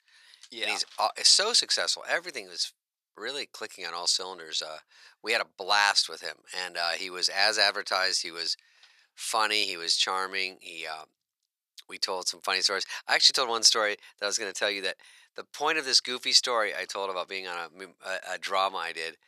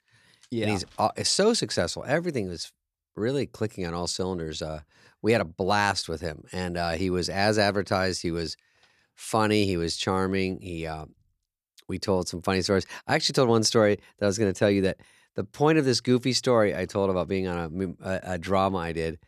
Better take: second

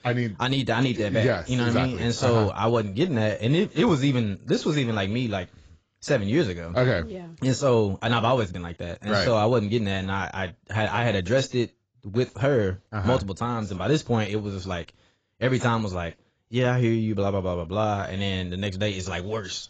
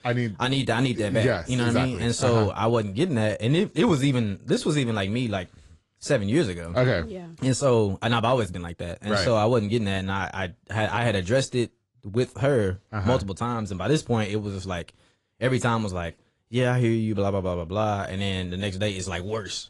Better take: second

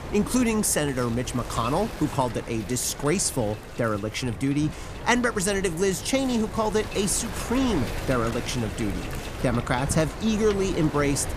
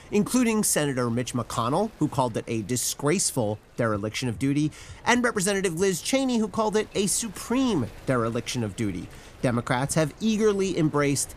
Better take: second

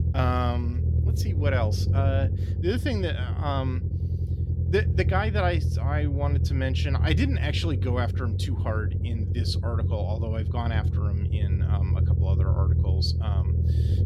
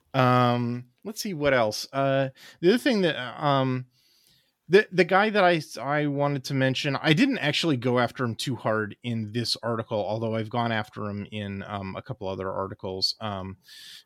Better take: second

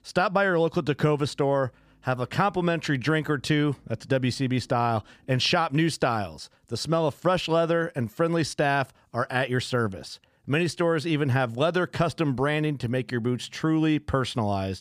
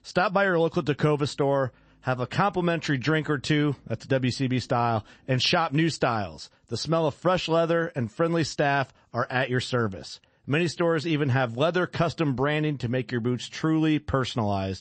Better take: first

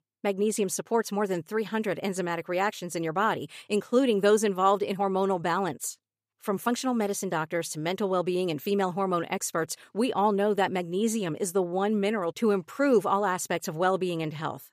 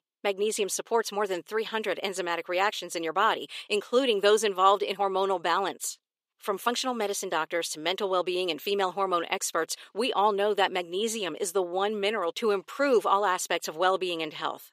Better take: first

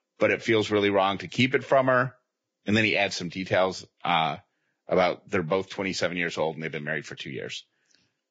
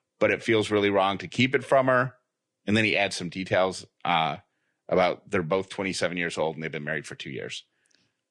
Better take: second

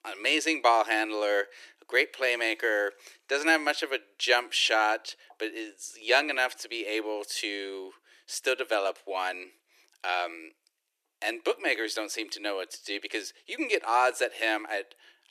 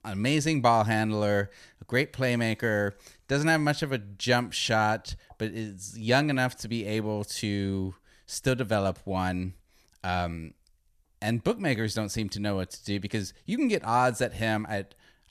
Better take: second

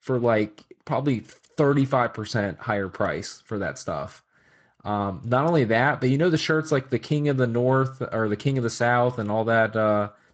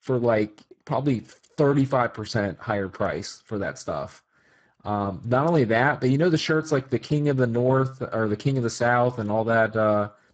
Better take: first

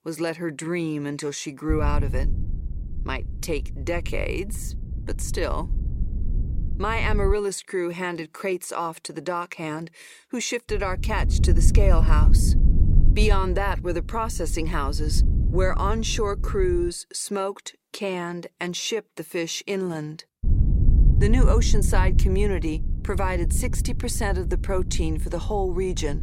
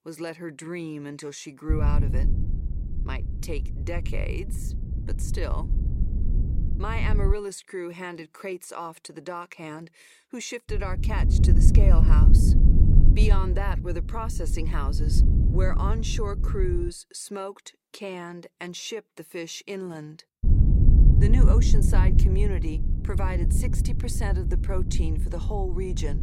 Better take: first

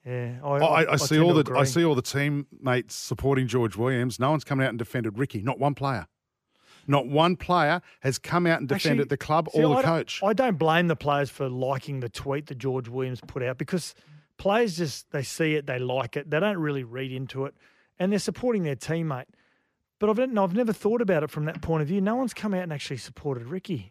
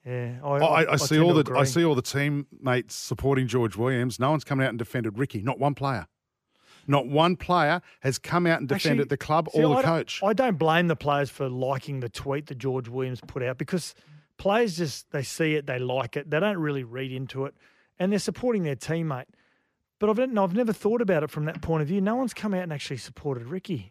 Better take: neither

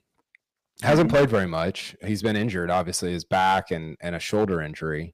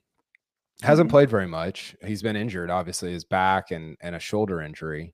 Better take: second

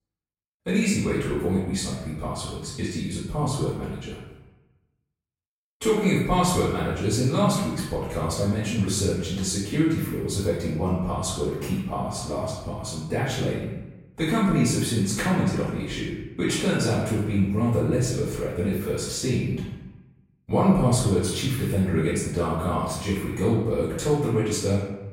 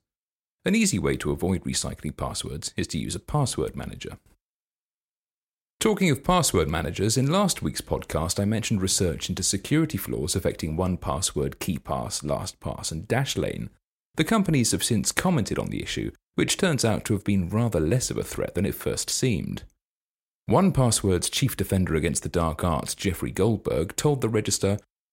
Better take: second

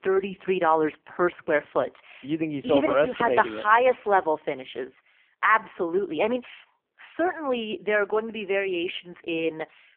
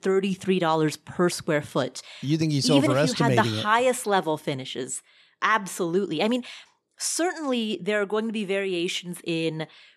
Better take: second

